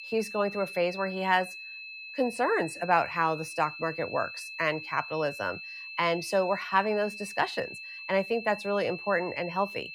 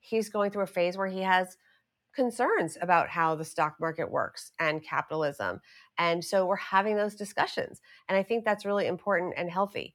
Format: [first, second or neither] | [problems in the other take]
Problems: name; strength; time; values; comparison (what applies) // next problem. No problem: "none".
second | high-pitched whine; loud; throughout; 2.5 kHz, 10 dB below the speech